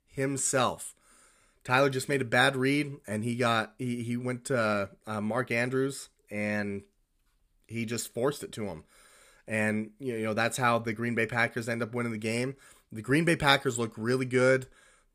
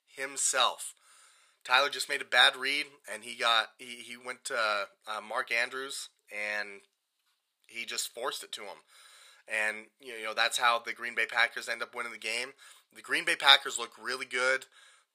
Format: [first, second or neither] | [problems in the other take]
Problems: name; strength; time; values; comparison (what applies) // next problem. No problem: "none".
first | thin; very; fading below 900 Hz